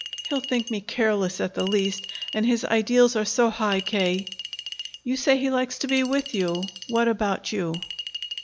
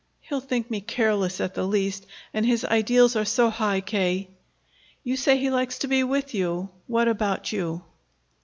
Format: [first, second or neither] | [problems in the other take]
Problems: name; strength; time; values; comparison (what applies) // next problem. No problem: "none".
second | background sound (Chink, clink); 12 dB below the speech